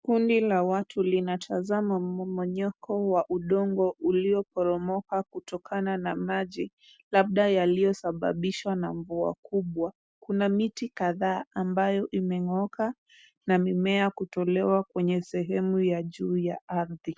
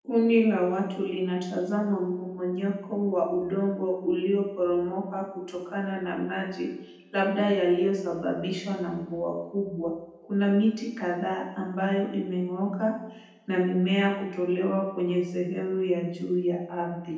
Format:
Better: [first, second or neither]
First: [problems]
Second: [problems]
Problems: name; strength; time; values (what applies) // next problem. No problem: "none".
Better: first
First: none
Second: room echo; dies away in 0.8 s